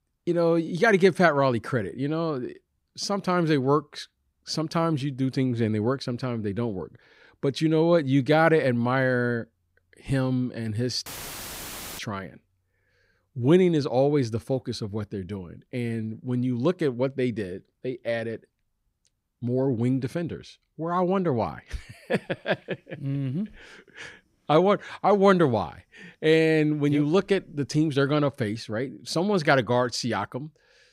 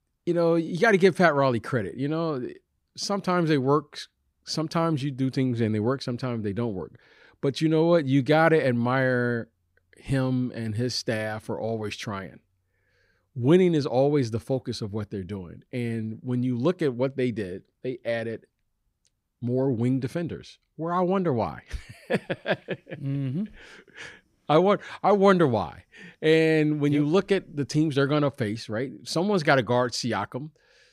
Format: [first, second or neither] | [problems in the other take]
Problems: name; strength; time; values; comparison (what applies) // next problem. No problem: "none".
second | audio cutting out; filled with static; at 11 s for 1 s